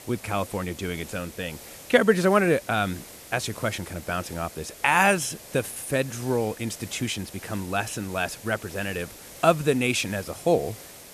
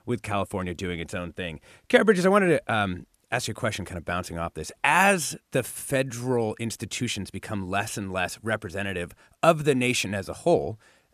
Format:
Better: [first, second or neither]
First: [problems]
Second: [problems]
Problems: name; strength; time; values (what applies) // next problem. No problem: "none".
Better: second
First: hiss; noticeable; throughout; 15 dB below the speech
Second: none